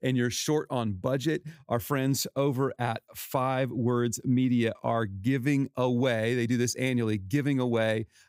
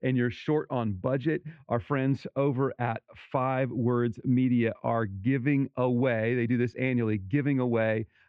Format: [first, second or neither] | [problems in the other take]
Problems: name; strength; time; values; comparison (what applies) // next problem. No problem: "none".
first | muffled; very; fading above 2.5 kHz